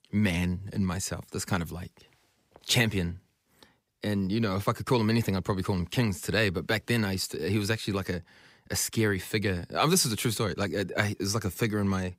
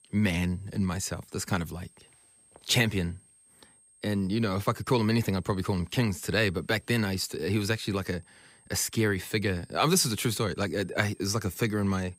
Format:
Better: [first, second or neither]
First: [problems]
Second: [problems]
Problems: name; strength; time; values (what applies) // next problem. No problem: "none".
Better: first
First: none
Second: high-pitched whine; faint; throughout; 8.5 kHz, 30 dB below the speech